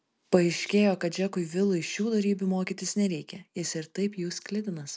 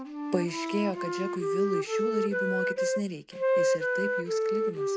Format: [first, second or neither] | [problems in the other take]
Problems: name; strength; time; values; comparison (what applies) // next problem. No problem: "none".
first | background sound (Wind instrument, woodwind instrument); 5 dB above the speech